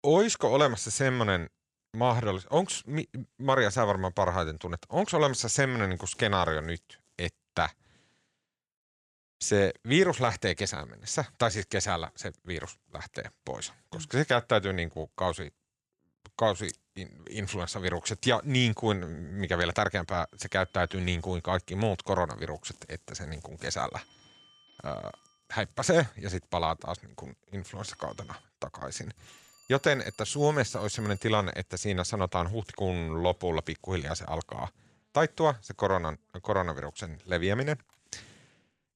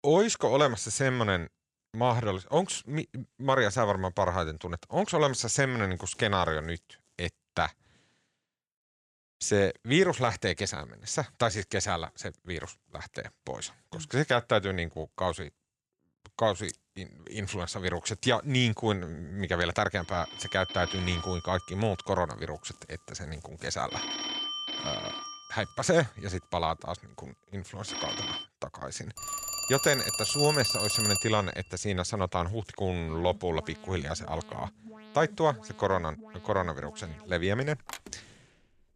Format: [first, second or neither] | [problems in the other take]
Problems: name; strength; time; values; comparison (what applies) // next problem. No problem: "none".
first | alarms or sirens; loud; from 21 s on; 2 dB below the speech; faint in the first